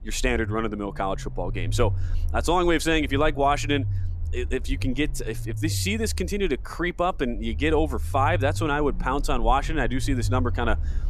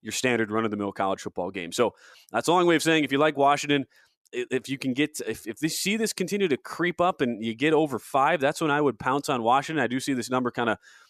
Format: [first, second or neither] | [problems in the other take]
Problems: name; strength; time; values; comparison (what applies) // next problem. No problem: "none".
second | low rumble; faint; throughout; 20 dB below the speech